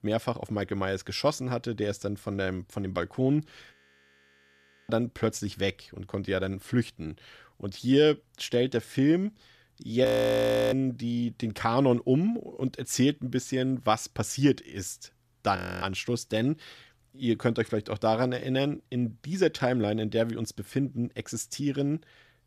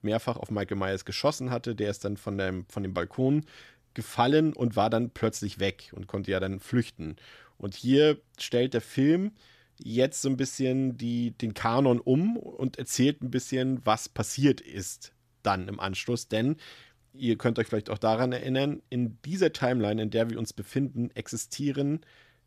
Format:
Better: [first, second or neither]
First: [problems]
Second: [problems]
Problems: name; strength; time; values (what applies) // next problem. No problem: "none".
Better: second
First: audio freezing; at 3.5 s for 1 s, at 10 s for 0.5 s and at 16 s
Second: none